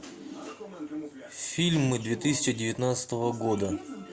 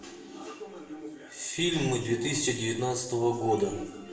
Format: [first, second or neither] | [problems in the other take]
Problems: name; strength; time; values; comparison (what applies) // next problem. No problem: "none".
first | room echo; dies away in 0.7 s